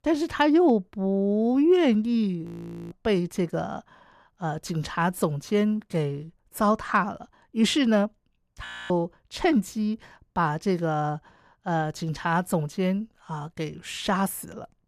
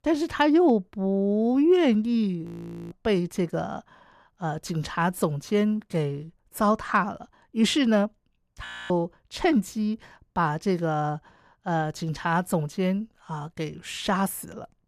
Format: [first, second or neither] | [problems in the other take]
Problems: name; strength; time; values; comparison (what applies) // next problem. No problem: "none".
neither | audio freezing; at 2.5 s and at 8.5 s; the same in both